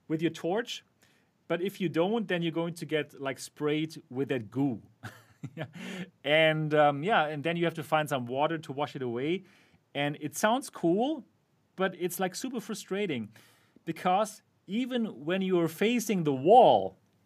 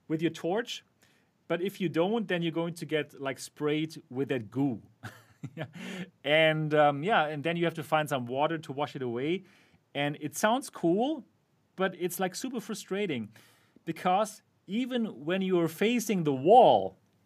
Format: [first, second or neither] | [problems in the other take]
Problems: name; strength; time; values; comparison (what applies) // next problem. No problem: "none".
neither | none